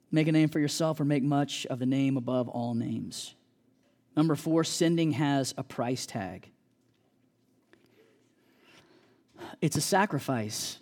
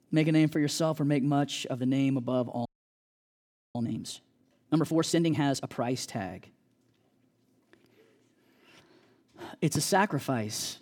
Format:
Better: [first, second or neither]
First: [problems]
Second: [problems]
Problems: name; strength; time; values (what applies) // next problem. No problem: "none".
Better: first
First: none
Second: audio freezing; at 2.5 s for 1 s